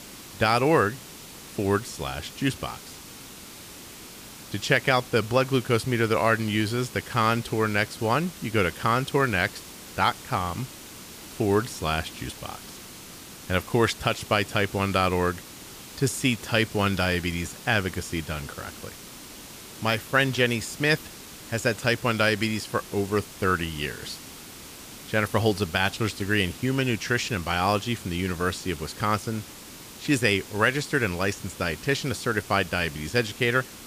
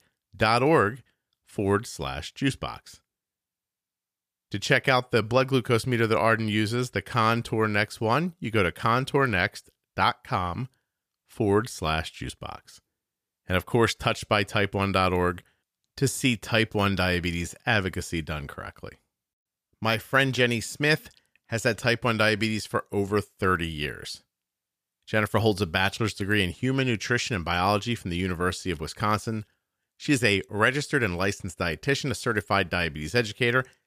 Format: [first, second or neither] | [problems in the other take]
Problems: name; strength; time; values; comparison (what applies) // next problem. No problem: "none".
second | hiss; noticeable; throughout; 15 dB below the speech